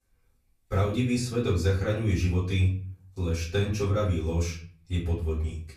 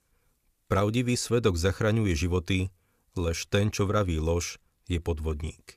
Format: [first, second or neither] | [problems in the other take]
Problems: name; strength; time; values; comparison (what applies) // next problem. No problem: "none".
second | off-mic speech; far // room echo; slight; dies away in 0.5 s